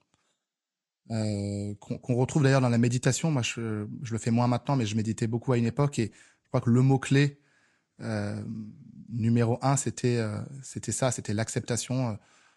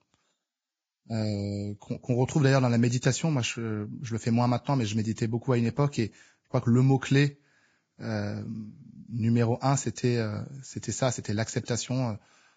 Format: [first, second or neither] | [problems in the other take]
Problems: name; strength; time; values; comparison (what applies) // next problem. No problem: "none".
first | garbled, watery; badly; nothing above 7.5 kHz; slightly in the first